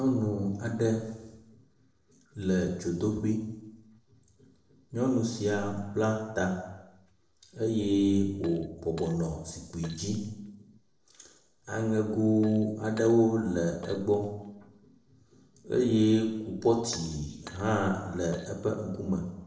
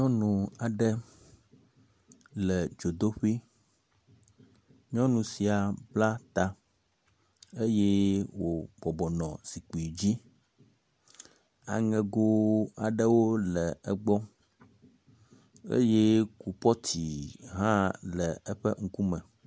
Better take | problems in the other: second | noise reduction (neural separator model SepFormer DNS4)

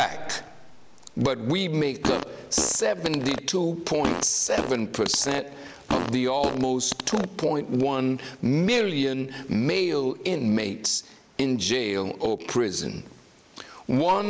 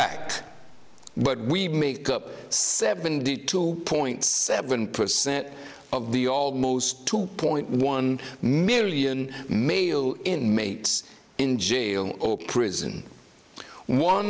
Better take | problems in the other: second | background sound (Fart); 6 dB below the speech

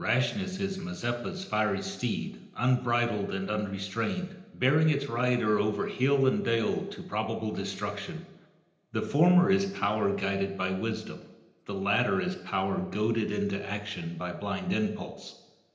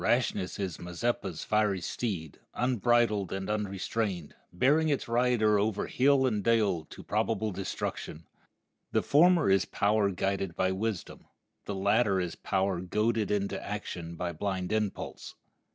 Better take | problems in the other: second | room echo; dies away in 0.9 s

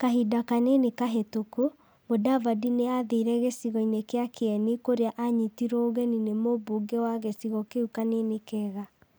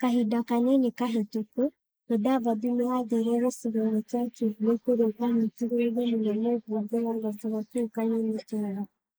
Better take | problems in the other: first | noise reduction (neural mask model Resemble Enhance denoiser)

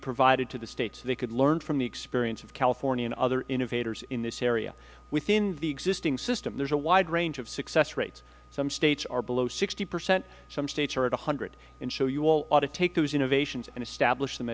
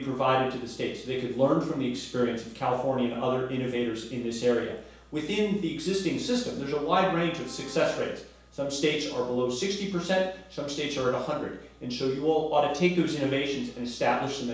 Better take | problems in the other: first | background sound (Trumpet); 19 dB below the speech // room echo; dies away in 0.7 s

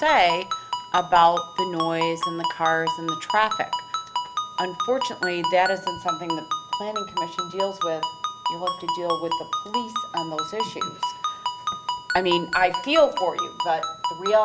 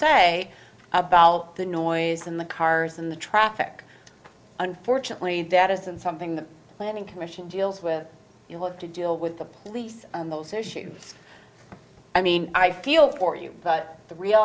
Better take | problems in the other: second | background sound (Ringtone); 4 dB below the speech

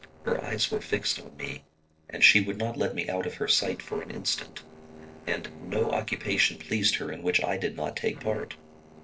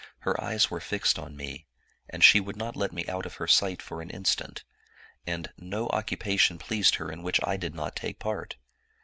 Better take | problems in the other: second | noise reduction (neural separator model SepFormer DNS4)

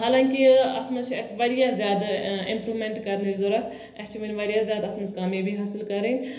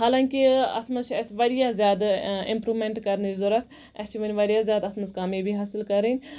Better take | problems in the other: second | room echo; dies away in 1.4 s

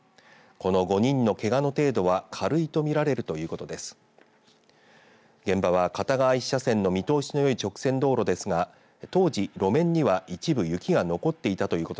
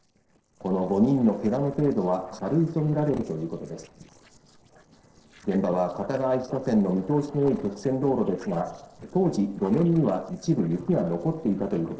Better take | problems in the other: first | noise reduction (neural separator model SepFormer DNS4)

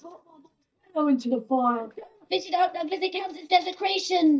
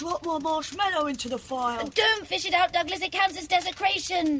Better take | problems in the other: second | noise reduction (neural mask model DeepFilterNet 3)

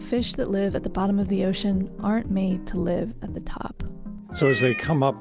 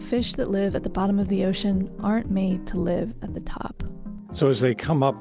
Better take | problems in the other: second | background sound (Meow); 8 dB below the speech

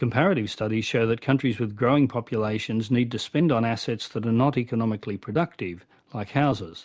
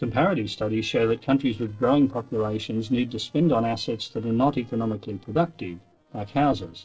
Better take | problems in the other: first | noise reduction (neural separator model SepFormer DNS4)

